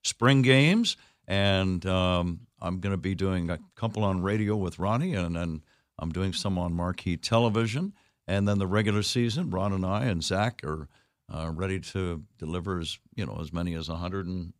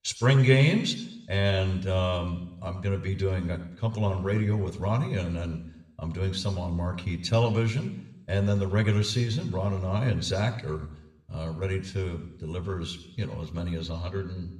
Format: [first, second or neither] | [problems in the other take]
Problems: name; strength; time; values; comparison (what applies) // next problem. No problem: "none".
first | room echo; slight; dies away in 0.8 s // off-mic speech; somewhat distant